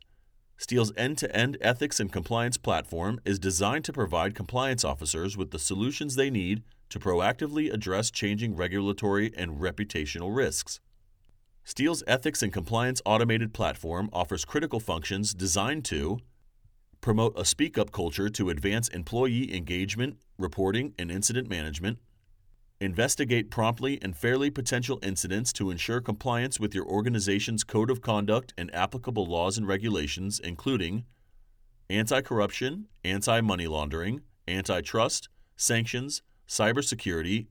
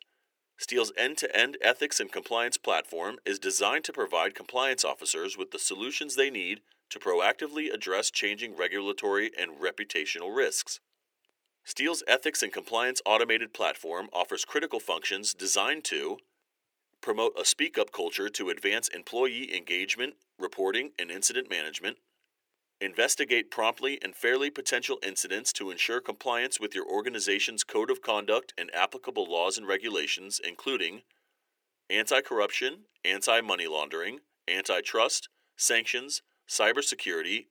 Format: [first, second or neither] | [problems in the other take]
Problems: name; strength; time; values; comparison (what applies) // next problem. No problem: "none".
first | thin; very; fading below 400 Hz